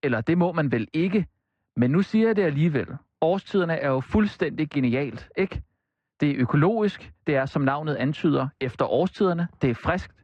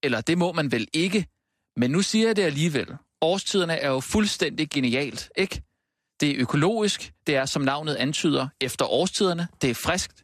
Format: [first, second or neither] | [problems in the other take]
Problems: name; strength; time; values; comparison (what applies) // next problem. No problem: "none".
second | muffled; very; fading above 1.5 kHz